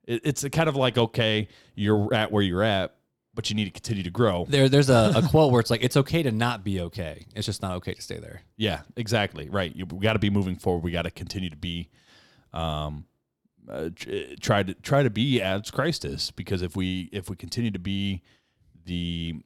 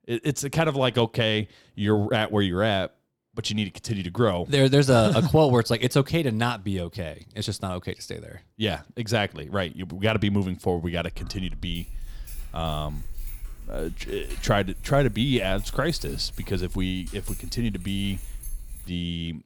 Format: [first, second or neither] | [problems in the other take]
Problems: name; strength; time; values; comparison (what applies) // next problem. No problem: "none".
first | jangling keys; faint; from 11 to 19 s; peak 10 dB below the speech